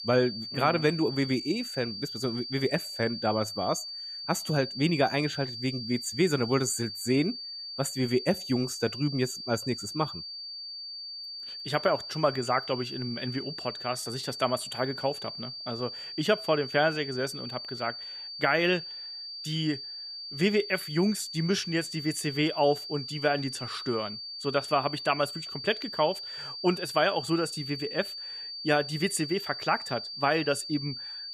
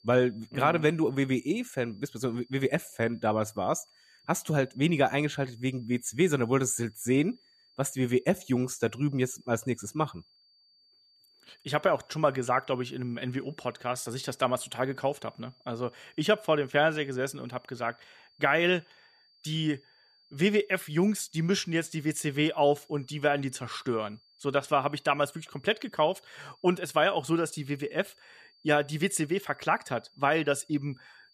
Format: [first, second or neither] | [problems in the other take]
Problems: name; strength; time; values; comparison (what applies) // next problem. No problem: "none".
second | high-pitched whine; loud; throughout; 4.5 kHz, 7 dB below the speech; faint in the second